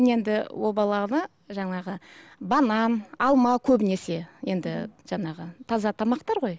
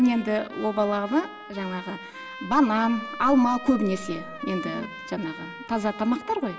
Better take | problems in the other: first | background sound (Trumpet); 14 dB below the speech // room echo; dies away in 1.8 s

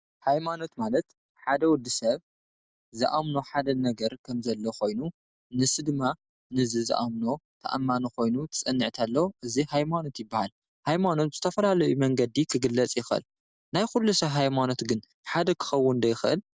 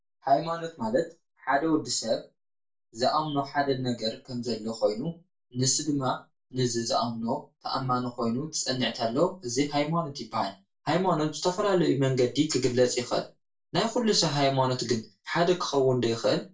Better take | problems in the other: first | room echo; dies away in 0.3 s

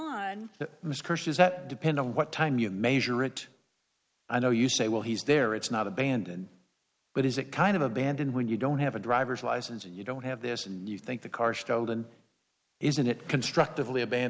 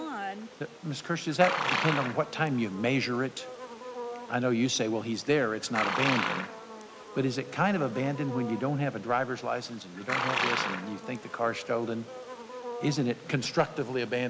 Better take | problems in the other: first | background sound (Livestock, farm animals, working animals); 6 dB below the speech

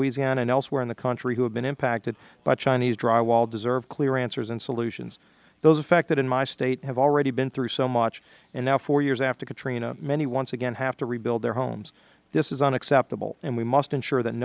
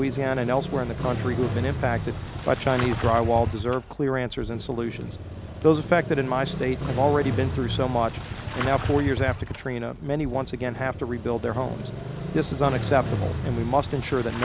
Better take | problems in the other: first | background sound (Engine starting / Motorcycle); 5 dB below the speech

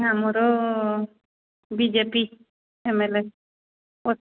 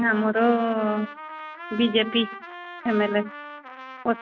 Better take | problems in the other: first | background sound (Trumpet); 14 dB below the speech

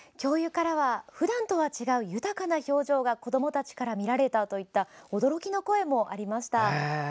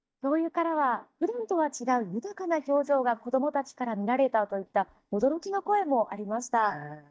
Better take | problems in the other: first | noise reduction (neural mask model DeepFilterNet 3)

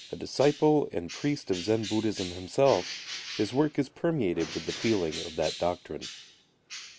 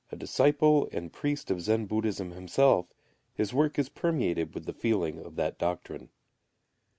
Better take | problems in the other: second | background sound (Bird); 13 dB below the speech

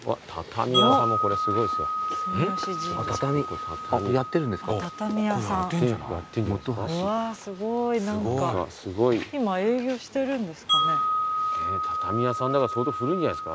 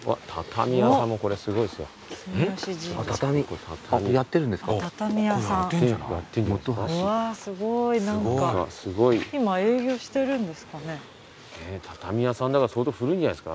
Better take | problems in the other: second | background sound (Wind chime); 3 dB below the speech

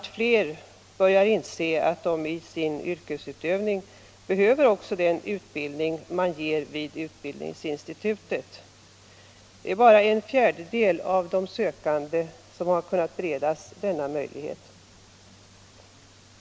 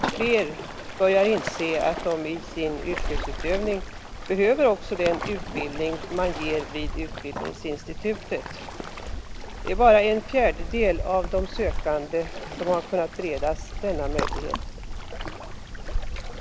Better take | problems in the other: first | background sound (Waves, surf); 6 dB below the speech

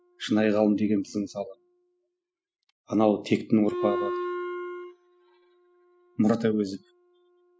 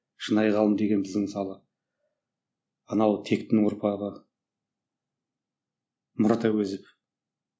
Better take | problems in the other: second | noise reduction (classical method spectral subtraction)

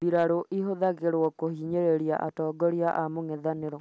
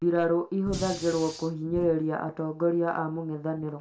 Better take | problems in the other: first | background sound (Fire); 12 dB below the speech // room echo; dies away in 0.2 s

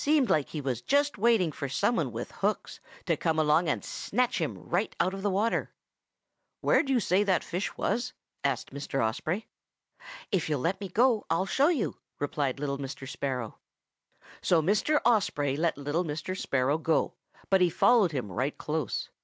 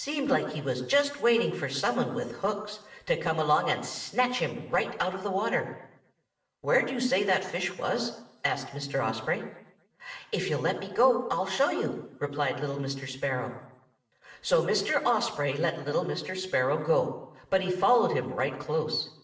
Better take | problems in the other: first | room echo; dies away in 0.8 s

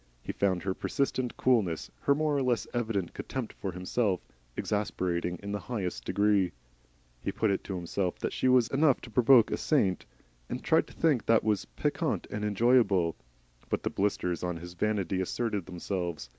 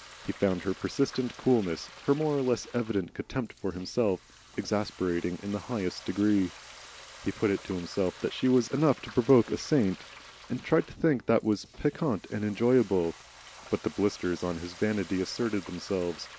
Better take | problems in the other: first | background sound (Frying (food)); 20 dB below the speech

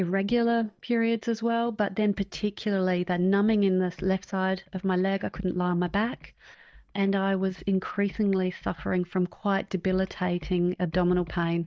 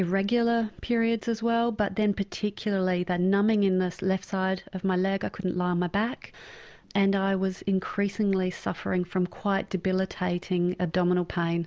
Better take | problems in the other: second | noise reduction (neural mask model DeepFilterNet 3)

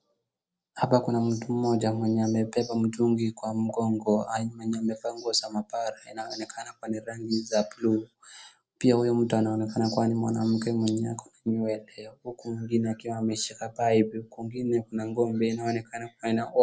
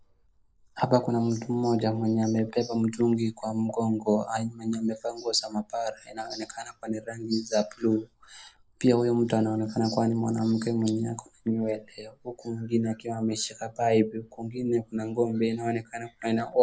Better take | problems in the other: first | noise reduction (neural mask model Resemble Enhance denoiser)

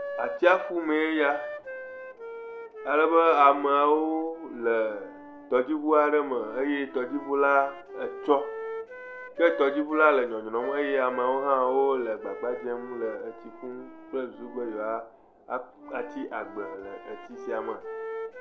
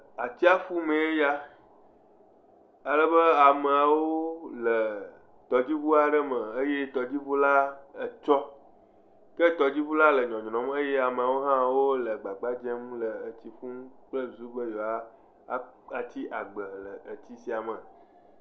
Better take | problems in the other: second | background sound (Wind instrument, woodwind instrument); 13 dB below the speech

